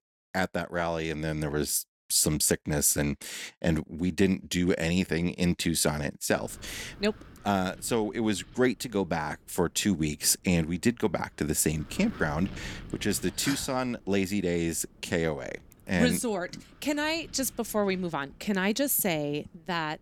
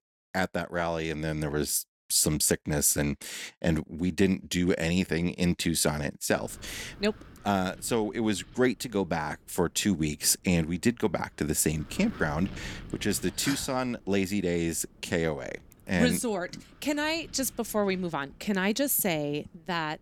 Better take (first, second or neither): neither